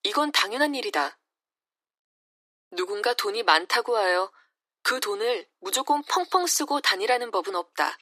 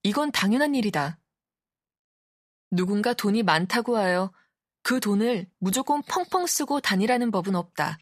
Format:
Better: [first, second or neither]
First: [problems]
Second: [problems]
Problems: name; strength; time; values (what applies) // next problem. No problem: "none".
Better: second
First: thin; somewhat; fading below 300 Hz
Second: none